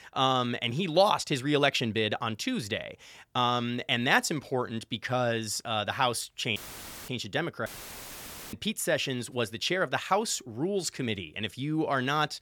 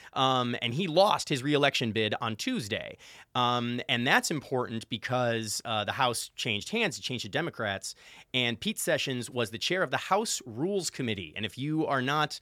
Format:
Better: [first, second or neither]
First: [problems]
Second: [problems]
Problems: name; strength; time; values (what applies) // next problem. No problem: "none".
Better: second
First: audio cutting out; filled with static; at 6.5 s for 0.5 s and at 7.5 s for 1 s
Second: none